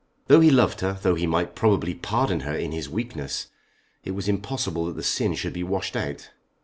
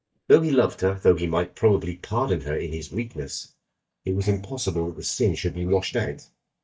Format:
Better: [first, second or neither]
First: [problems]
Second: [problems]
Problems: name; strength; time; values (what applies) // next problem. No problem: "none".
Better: first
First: none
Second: noise reduction (neural mask model DeepFilterNet 3)